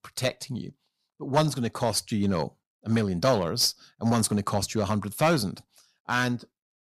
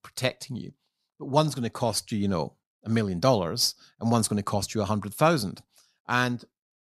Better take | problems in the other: second | distortion; slight; 1.8% of the sound clipped

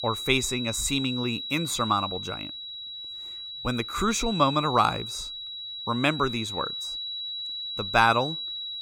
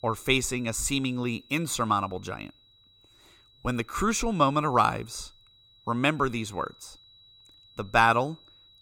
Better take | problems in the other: second | high-pitched whine; loud; throughout; 4 kHz, 6 dB below the speech; faint in the second

